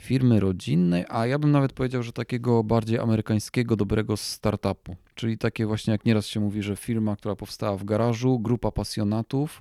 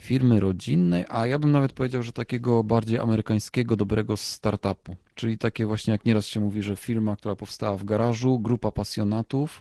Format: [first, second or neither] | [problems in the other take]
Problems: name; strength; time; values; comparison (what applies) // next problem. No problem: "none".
first | garbled, watery; slightly; nothing above 10 kHz